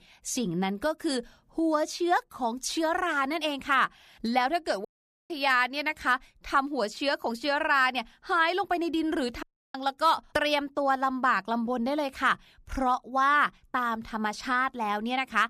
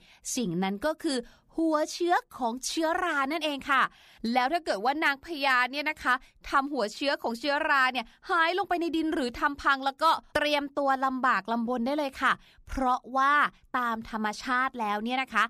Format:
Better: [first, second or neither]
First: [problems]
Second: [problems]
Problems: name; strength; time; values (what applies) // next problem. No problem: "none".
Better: second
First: audio cutting out; at 5 s and at 9.5 s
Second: none